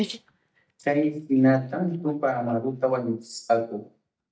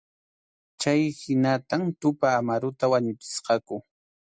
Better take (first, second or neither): second